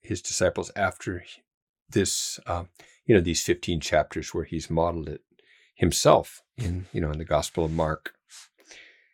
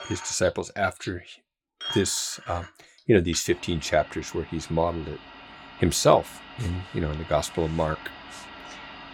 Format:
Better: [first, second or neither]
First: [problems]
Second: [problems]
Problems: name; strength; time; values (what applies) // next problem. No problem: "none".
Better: first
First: none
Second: household noises; noticeable; throughout; 15 dB below the speech